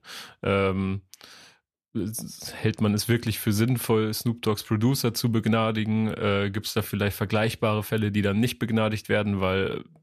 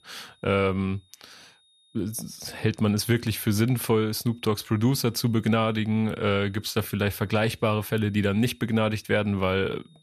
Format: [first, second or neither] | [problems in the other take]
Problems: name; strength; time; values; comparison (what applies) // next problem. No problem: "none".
first | high-pitched whine; faint; throughout; 3.5 kHz, 35 dB below the speech